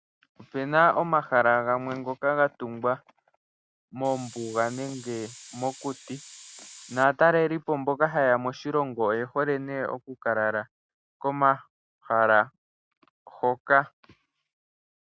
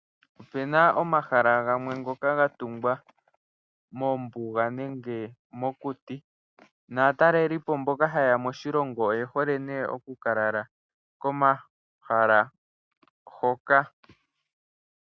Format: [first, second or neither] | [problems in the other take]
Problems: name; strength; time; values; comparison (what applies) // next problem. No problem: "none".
second | background sound (Hiss); 19 dB below the speech